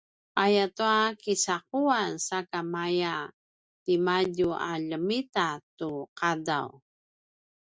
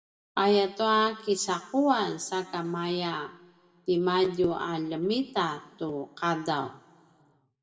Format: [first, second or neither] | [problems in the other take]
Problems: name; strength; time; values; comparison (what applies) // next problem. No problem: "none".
first | room echo; dies away in 1.6 s